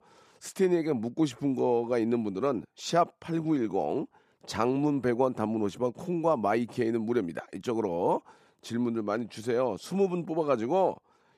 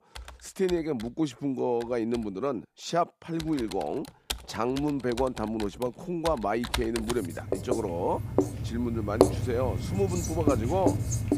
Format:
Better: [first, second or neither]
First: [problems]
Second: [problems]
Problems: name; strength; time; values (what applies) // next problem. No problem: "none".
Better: first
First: none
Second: household noises; loud; throughout; 1 dB below the speech